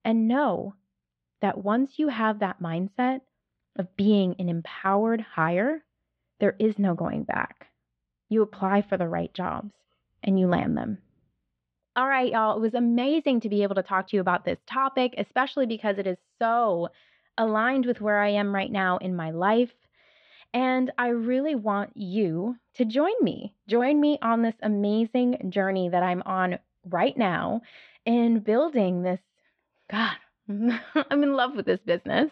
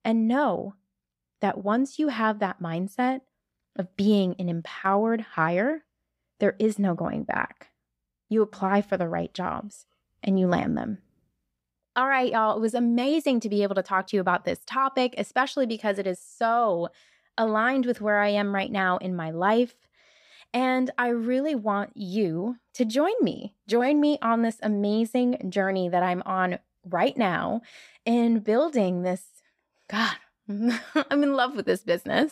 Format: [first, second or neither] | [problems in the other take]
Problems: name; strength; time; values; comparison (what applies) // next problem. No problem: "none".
second | muffled; slightly; fading above 3.5 kHz